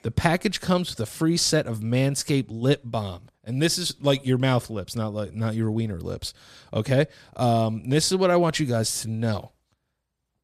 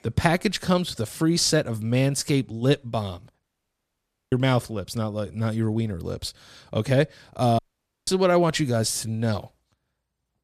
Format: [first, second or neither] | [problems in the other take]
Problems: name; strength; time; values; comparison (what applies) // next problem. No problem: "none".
first | audio cutting out; at 3.5 s for 1 s and at 7.5 s